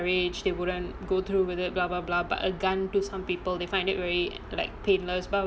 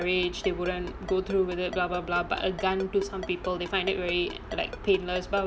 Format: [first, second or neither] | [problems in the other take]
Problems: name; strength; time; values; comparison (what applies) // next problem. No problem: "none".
first | background sound (Ringtone); 16 dB below the speech